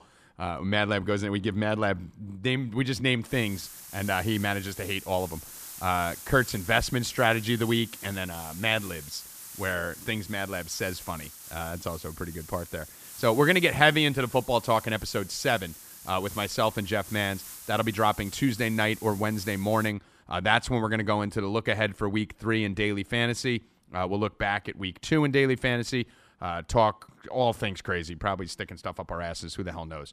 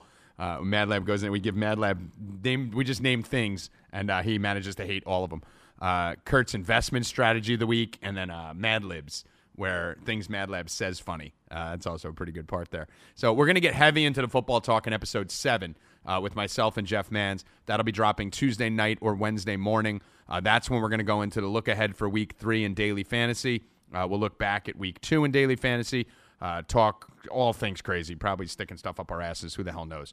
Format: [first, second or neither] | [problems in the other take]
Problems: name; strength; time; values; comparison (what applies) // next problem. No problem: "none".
second | hiss; noticeable; from 3.5 to 20 s; 15 dB below the speech